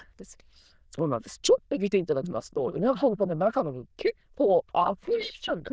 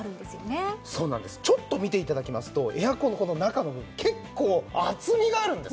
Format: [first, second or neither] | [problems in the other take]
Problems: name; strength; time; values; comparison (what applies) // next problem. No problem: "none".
second | noise reduction (neural diffusion model UNIVERSE++)